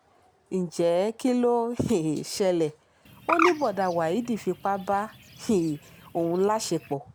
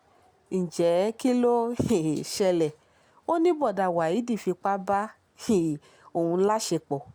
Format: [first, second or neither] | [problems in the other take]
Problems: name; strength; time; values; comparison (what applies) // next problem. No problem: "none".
second | background sound (Bird); 8 dB below the speech